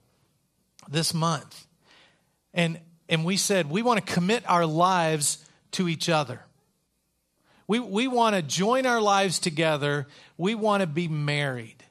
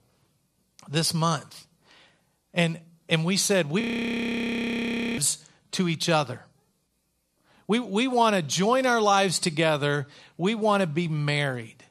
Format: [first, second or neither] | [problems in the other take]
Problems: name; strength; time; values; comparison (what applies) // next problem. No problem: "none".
first | audio freezing; at 4 s for 1.5 s